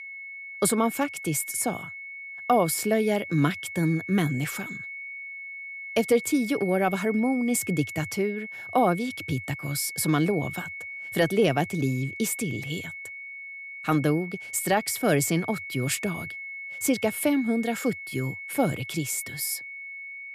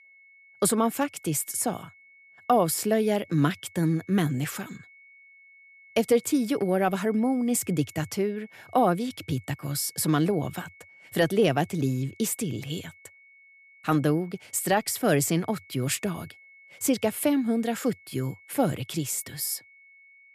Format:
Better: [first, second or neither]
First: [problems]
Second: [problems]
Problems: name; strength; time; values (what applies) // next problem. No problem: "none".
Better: second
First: high-pitched whine; loud; throughout; 2 kHz, 10 dB below the speech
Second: high-pitched whine; faint; throughout; 2 kHz, 25 dB below the speech